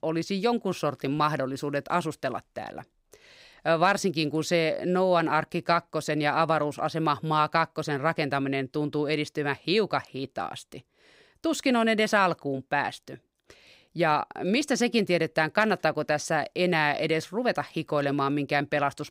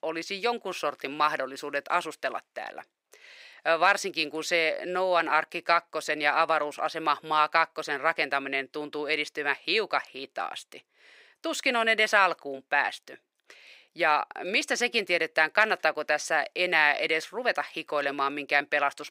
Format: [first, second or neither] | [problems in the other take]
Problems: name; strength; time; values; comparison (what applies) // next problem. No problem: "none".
first | thin; somewhat; fading below 450 Hz